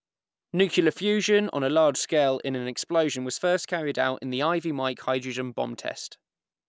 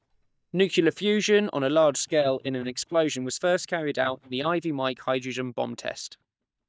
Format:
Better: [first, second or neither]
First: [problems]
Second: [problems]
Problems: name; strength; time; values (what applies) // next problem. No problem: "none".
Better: first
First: none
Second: noise reduction (neural mask model DeepFilterNet 3)